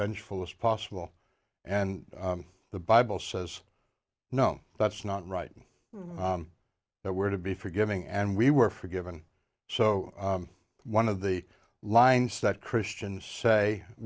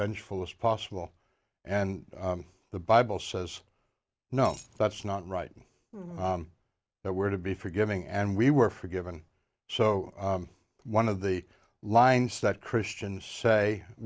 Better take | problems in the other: first | background sound (Coin (dropping)); 18 dB below the speech

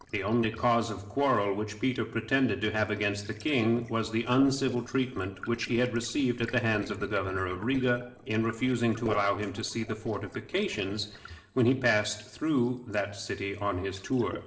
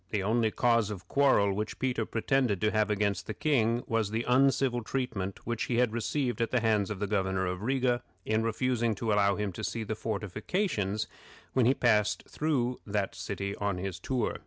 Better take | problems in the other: second | noise reduction (neural separator model SepFormer DNS4)

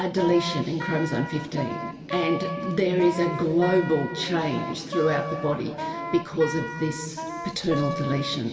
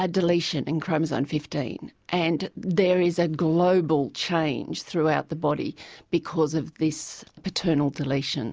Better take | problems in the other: second | background sound (Wind instrument, woodwind instrument); 8 dB below the speech // room echo; dies away in 2.5 s

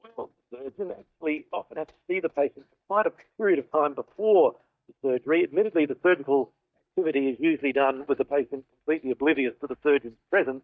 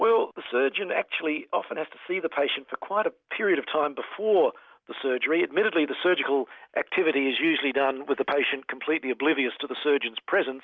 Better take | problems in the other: second | noise reduction (neural mask model DeepFilterNet 3)

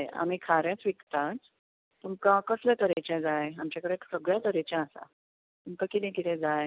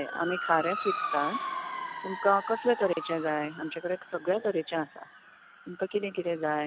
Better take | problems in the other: first | background sound (Motor vehicle (road) / Siren); 7 dB below the speech

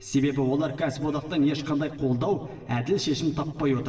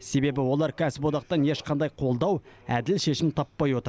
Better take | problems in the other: second | room echo; dies away in 1.9 s

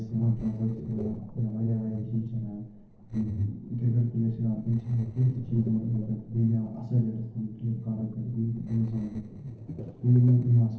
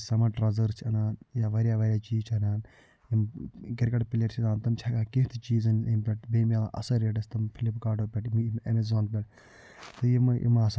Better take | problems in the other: second | noise reduction (neural separator model SepFormer DNS4)

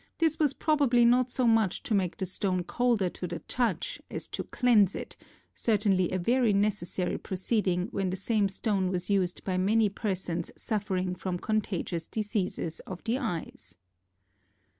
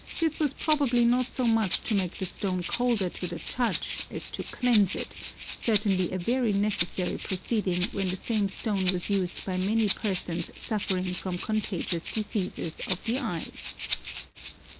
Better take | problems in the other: first | background sound (Rattle (instrument)); 10 dB below the speech

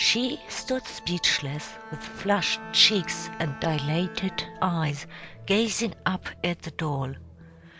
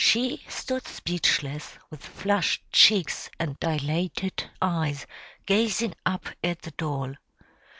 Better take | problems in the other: second | background sound (Musical instrument + Bowed string instrument); 15 dB below the speech

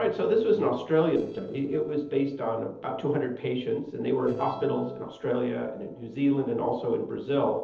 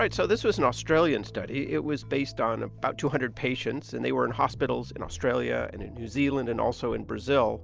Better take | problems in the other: second | noise reduction (neural separator model SepFormer DNS4)

